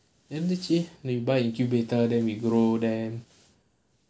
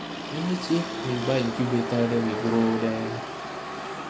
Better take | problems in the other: first | background sound (Motor vehicle (road)); 5 dB below the speech

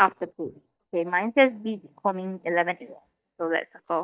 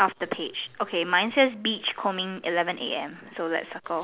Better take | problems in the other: second | noise reduction (neural mask model DeepFilterNet 3)

